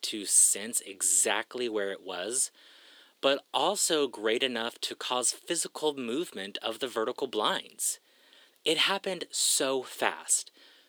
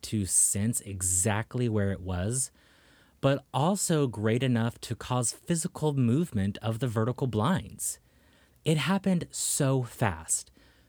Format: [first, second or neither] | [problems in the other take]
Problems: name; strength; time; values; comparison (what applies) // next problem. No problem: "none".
second | thin; very; fading below 350 Hz